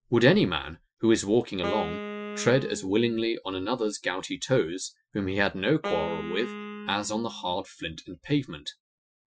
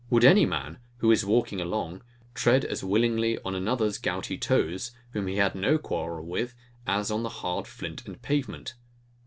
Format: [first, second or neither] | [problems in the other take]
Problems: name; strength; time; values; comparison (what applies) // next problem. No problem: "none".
second | noise reduction (classical method Wiener filter)